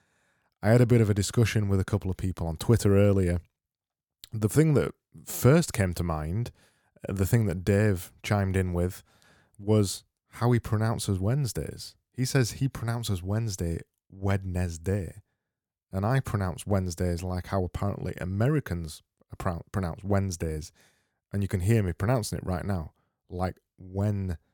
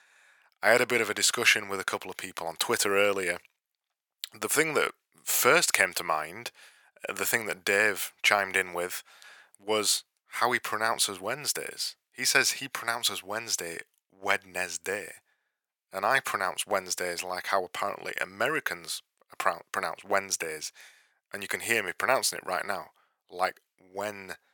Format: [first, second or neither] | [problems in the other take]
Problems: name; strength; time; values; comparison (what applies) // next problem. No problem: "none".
first | thin; very; fading below 800 Hz